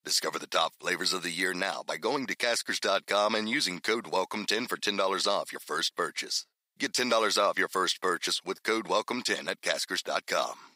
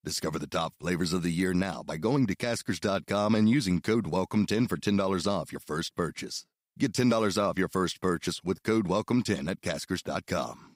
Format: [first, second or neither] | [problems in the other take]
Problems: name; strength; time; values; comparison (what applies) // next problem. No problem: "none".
second | thin; very; fading below 550 Hz